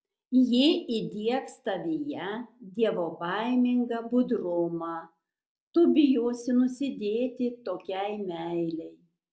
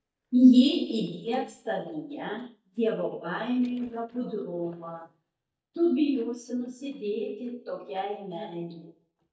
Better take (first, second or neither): first